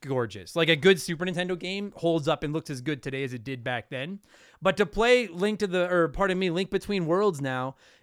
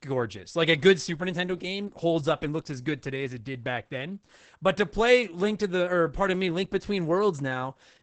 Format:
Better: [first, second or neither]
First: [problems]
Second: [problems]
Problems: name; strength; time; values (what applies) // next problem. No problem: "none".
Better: first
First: none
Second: garbled, watery; badly; nothing above 8 kHz